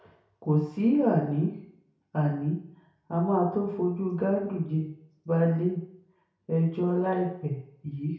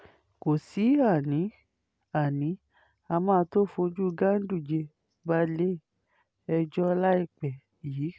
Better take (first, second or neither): second